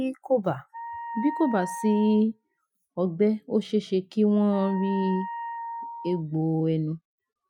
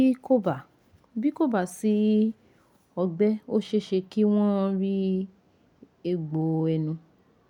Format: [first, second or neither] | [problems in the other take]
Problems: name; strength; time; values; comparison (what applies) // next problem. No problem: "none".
second | noise reduction (classical method Wiener filter)